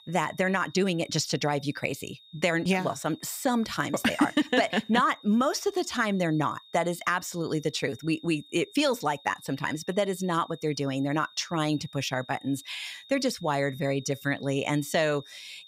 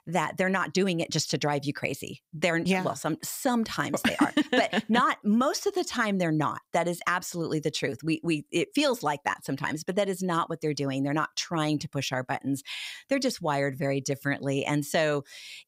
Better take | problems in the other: second | high-pitched whine; faint; throughout; 3.5 kHz, 20 dB below the speech

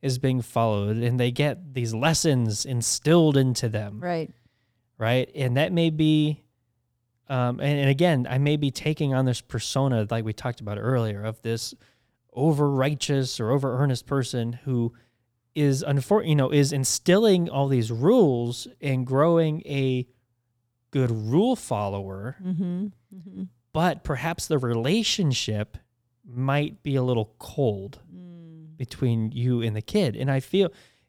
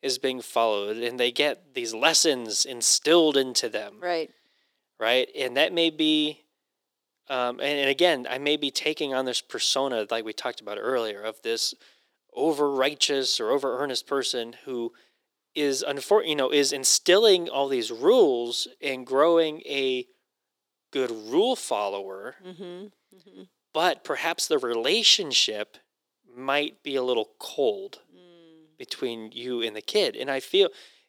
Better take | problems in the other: first | thin; somewhat; fading below 350 Hz

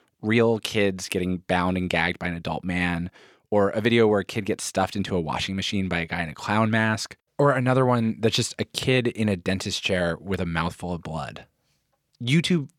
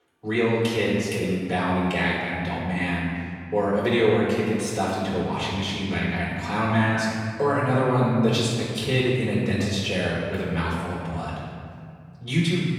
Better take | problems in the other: first | off-mic speech; far // room echo; strong; dies away in 2.1 s

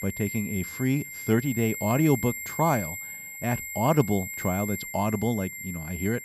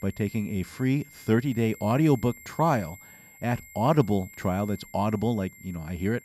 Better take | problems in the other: second | high-pitched whine; loud; throughout; 2 kHz, 7 dB below the speech; faint in the second

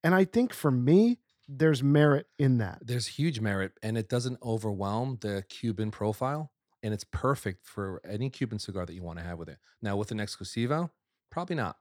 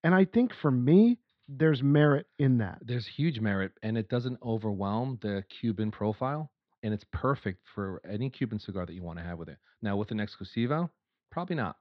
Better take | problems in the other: first | muffled; slightly; fading above 4 kHz

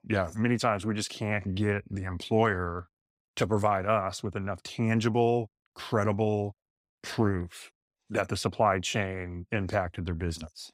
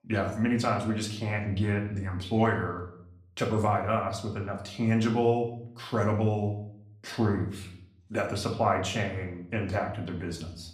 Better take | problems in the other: first | room echo; slight; dies away in 0.6 s // off-mic speech; somewhat distant

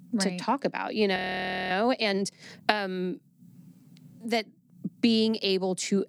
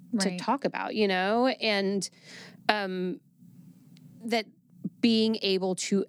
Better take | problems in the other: second | audio freezing; at 1 s for 0.5 s

